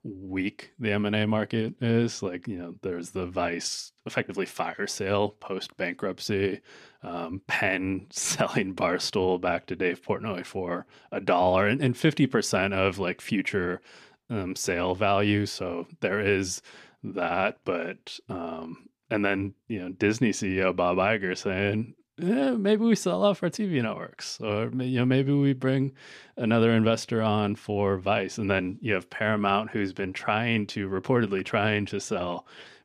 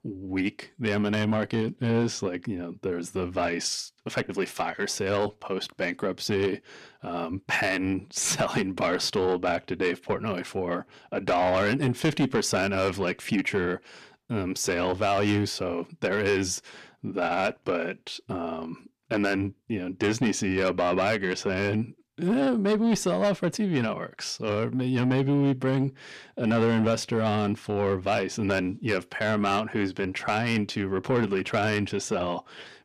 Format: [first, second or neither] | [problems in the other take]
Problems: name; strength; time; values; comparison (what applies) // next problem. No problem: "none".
first | distortion; slight; 10 dB below the speech